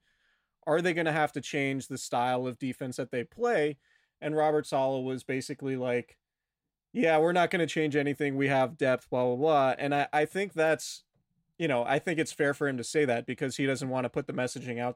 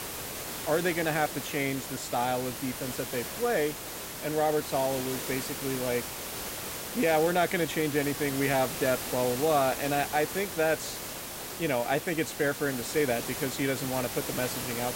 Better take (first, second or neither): first